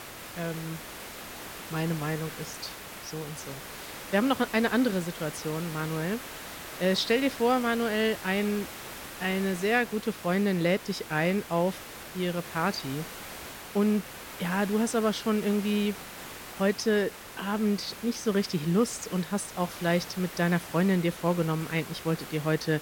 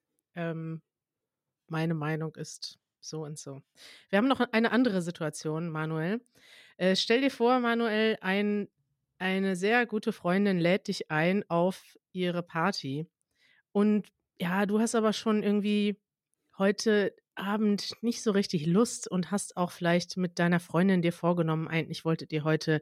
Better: second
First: hiss; noticeable; throughout; 10 dB below the speech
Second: none

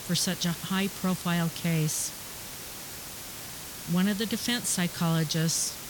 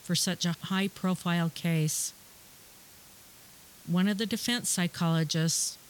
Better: second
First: hiss; loud; throughout; 9 dB below the speech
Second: hiss; faint; throughout; 20 dB below the speech

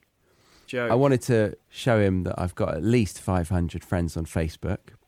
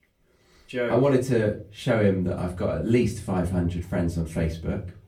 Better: first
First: none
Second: off-mic speech; far // room echo; very slight; dies away in 0.3 s

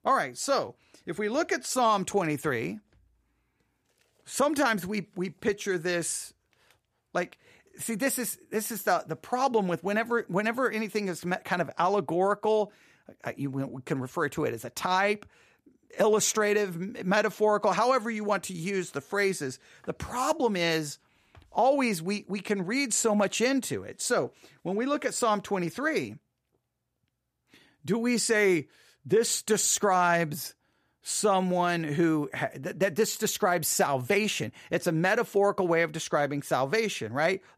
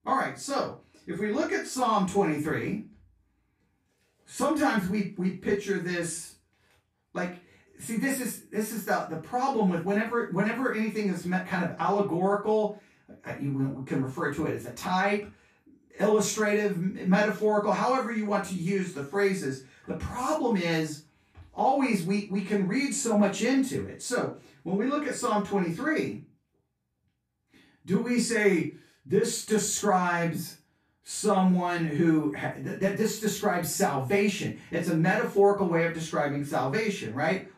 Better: first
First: none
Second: off-mic speech; far // room echo; slight; dies away in 0.3 s

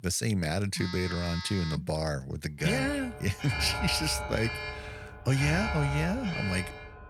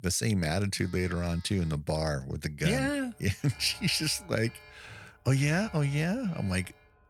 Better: second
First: alarms or sirens; loud; throughout; 6 dB below the speech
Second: alarms or sirens; faint; throughout; 20 dB below the speech

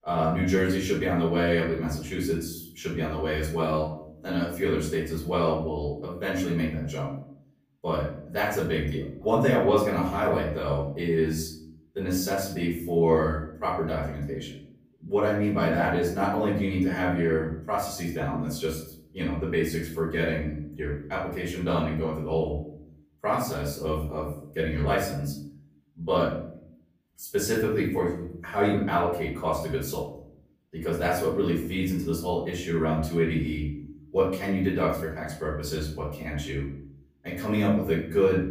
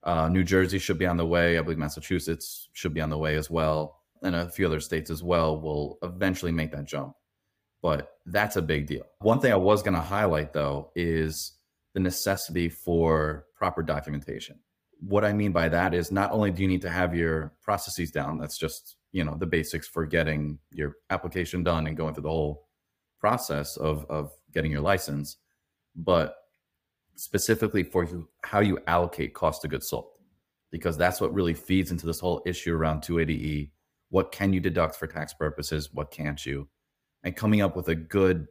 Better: second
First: room echo; noticeable; dies away in 0.6 s // off-mic speech; far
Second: none

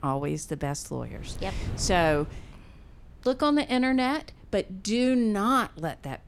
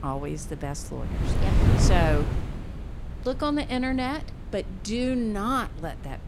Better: first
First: wind noise on the microphone; occasional gusts; 20 dB below the speech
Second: wind noise on the microphone; heavy; 6 dB below the speech

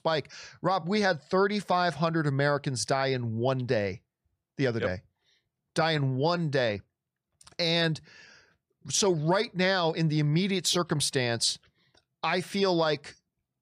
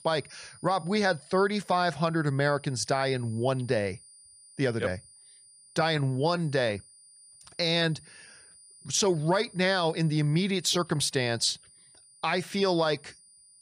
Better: first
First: none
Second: high-pitched whine; faint; throughout; 9.5 kHz, 25 dB below the speech

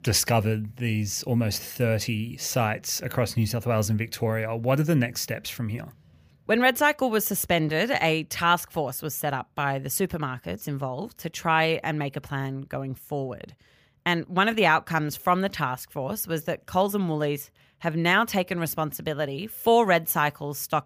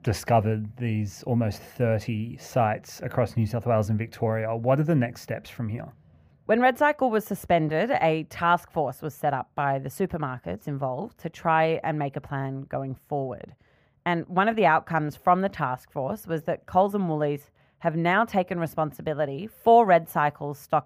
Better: first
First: none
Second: muffled; very; fading above 2.5 kHz

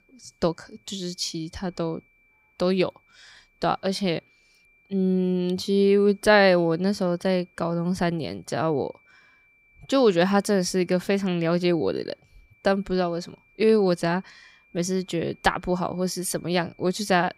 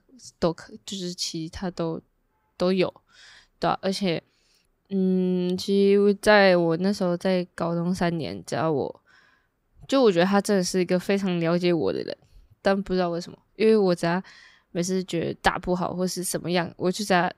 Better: second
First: high-pitched whine; faint; throughout; 2.5 kHz, 35 dB below the speech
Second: none

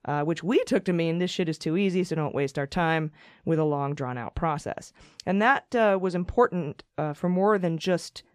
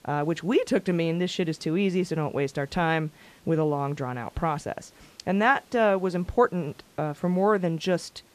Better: first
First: none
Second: hiss; faint; throughout; 30 dB below the speech

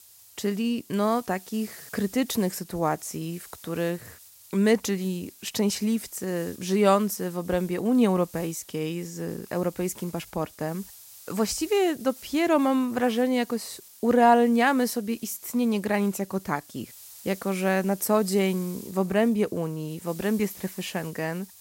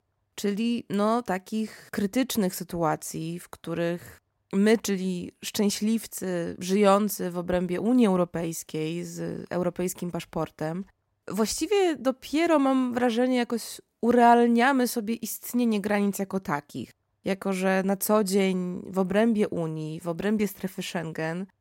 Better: second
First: hiss; noticeable; throughout; 20 dB below the speech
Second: none

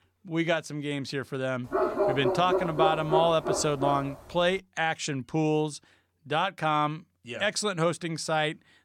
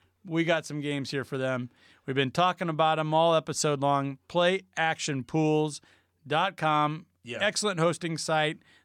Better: second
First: dog barking; loud; from 1.5 to 4 s; peak 2 dB above the speech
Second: none

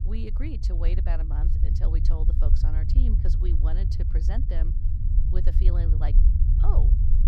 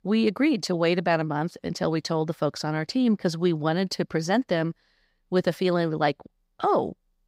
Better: second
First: low rumble; loud; throughout; 2 dB below the speech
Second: none

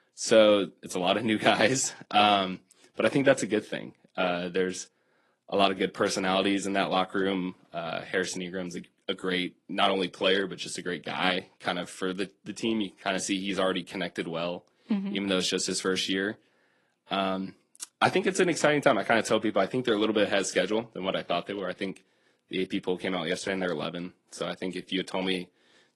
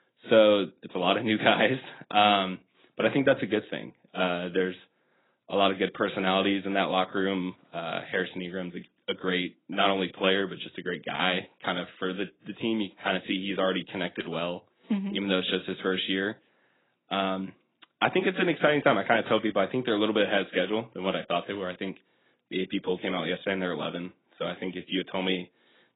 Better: first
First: garbled, watery; slightly; nothing above 11 kHz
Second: garbled, watery; badly; nothing above 4 kHz

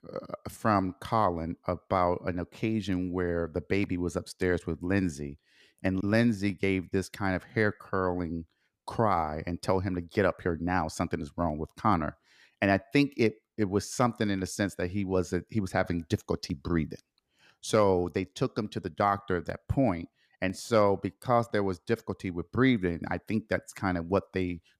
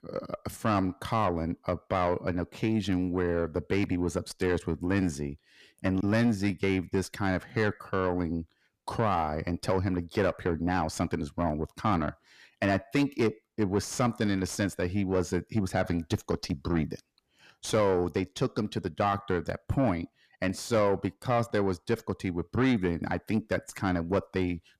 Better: first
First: none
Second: distortion; slight; 10 dB below the speech

